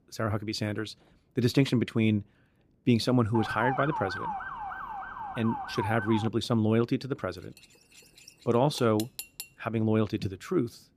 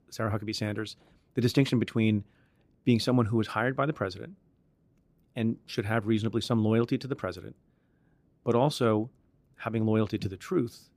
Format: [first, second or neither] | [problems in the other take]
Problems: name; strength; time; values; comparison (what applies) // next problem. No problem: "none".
second | siren; noticeable; from 3.5 to 6.5 s; peak 4 dB below the speech // clattering dishes; faint; from 7.5 to 9.5 s; peak 10 dB below the speech